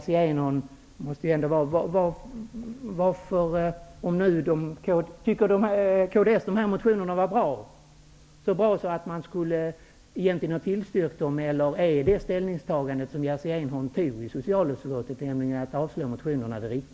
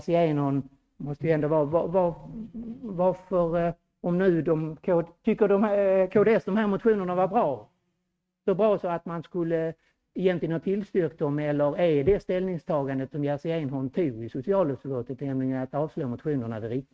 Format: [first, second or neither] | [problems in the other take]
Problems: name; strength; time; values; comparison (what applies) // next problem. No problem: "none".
first | noise reduction (neural mask model RNNoise)